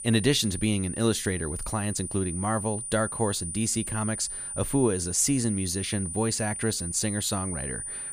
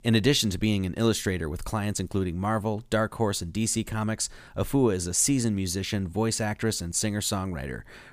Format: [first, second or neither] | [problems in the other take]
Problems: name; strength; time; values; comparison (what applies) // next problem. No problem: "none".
second | high-pitched whine; loud; throughout; 9.5 kHz, 5 dB below the speech